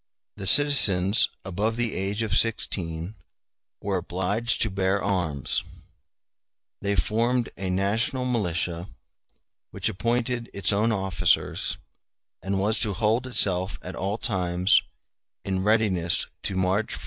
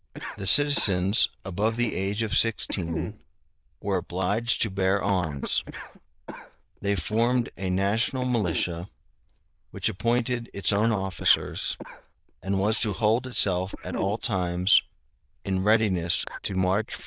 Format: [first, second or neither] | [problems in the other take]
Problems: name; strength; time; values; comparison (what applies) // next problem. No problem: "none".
first | noise reduction (neural diffusion model UNIVERSE++)